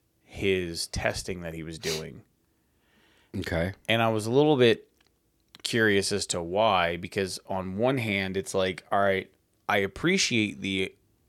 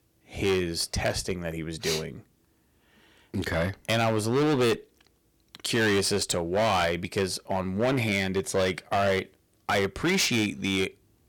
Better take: first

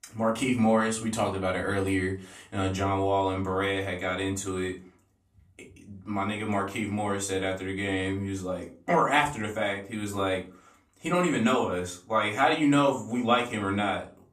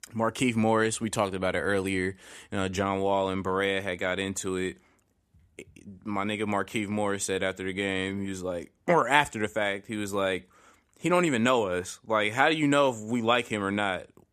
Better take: second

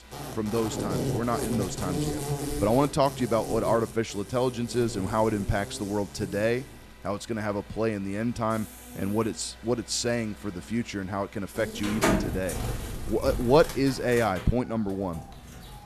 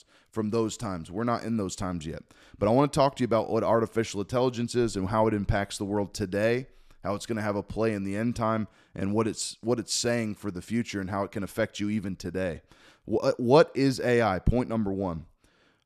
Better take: second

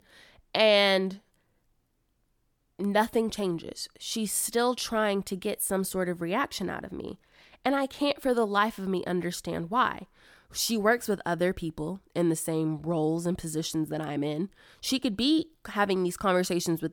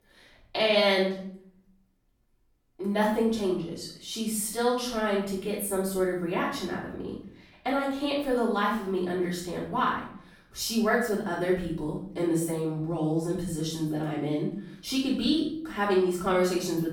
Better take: first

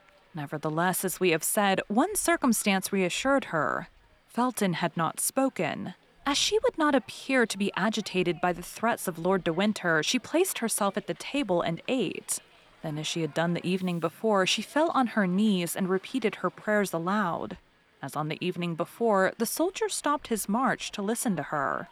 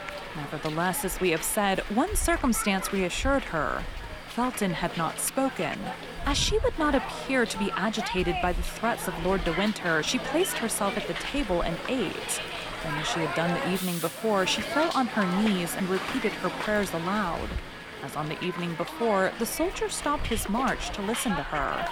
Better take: first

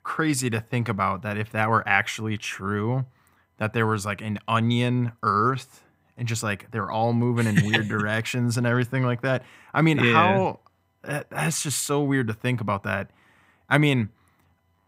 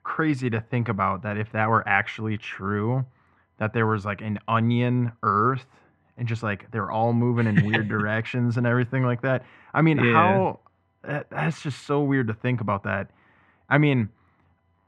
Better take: first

